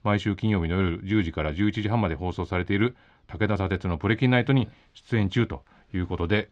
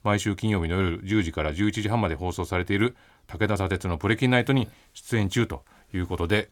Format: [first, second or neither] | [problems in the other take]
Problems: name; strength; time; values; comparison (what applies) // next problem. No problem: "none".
second | muffled; slightly; fading above 4 kHz